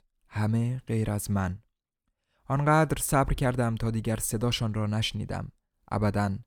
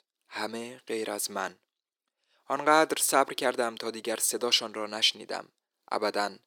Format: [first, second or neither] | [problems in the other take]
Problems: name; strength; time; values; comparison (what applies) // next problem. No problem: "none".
first | thin; very; fading below 350 Hz